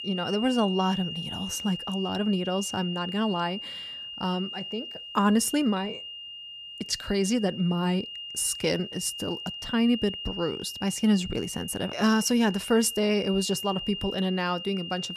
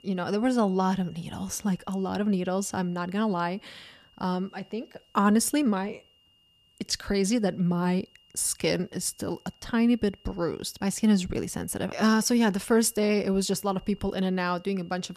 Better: second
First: high-pitched whine; loud; throughout; 3 kHz, 8 dB below the speech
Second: high-pitched whine; faint; throughout; 3 kHz, 30 dB below the speech

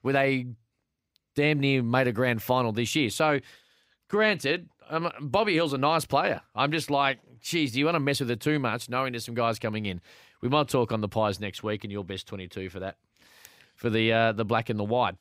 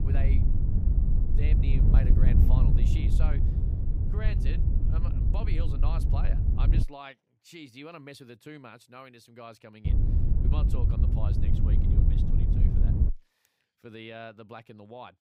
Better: first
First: none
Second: wind noise on the microphone; heavy; until 7 s and from 10 to 13 s; 2 dB above the speech

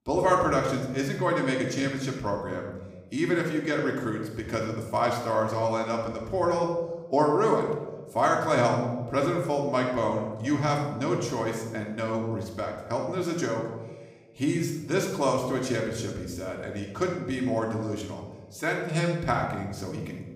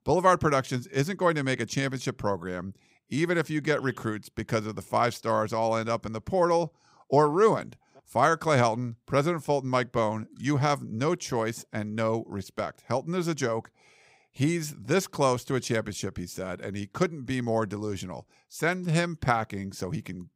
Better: second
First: room echo; noticeable; dies away in 0.9 s // off-mic speech; somewhat distant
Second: none

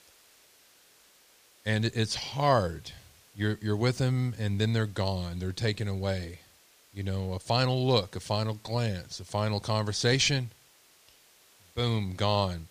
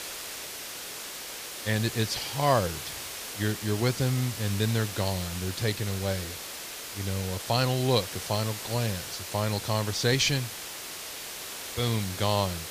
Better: first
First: hiss; faint; throughout; 30 dB below the speech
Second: hiss; loud; throughout; 7 dB below the speech

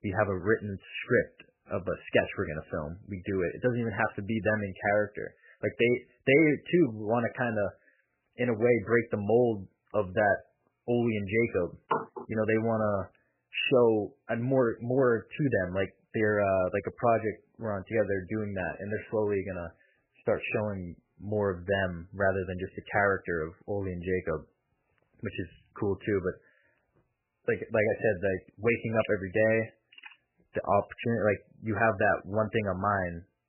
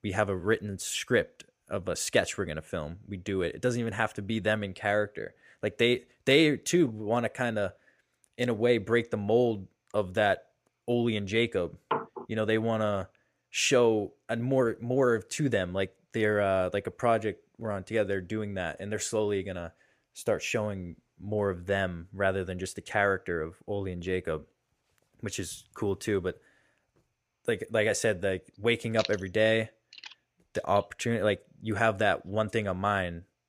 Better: second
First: garbled, watery; badly; nothing above 3 kHz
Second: none

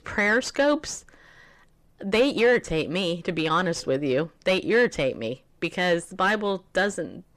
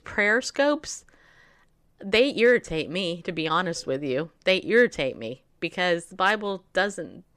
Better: second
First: distortion; slight; 10 dB below the speech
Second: none

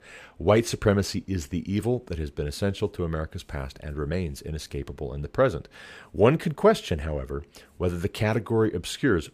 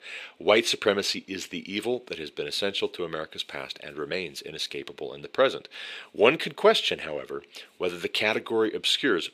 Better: first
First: none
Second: thin; somewhat; fading below 350 Hz

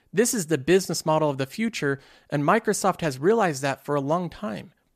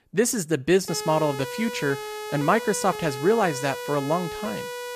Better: first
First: none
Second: siren; noticeable; from 1 s on; peak 8 dB below the speech

